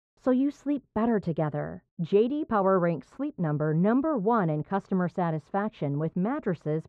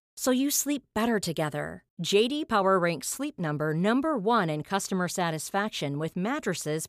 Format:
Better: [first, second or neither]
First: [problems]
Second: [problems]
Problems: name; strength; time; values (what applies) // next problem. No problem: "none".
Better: second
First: muffled; very; fading above 1 kHz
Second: none